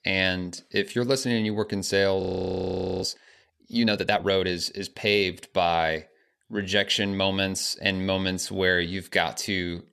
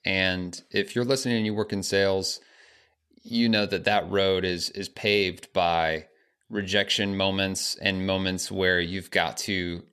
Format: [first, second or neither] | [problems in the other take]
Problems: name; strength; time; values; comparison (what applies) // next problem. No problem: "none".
second | audio freezing; at 2 s for 1 s